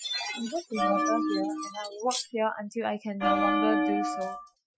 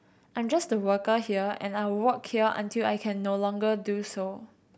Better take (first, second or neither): second